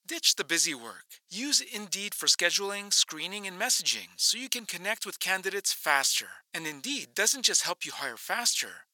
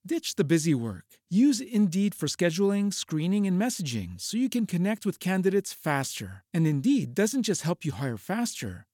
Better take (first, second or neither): second